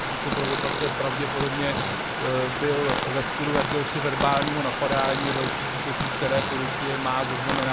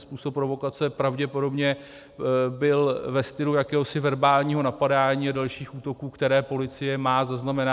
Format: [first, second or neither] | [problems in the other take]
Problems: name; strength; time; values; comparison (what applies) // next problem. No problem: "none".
second | background sound (Fart + Stream); 1 dB above the speech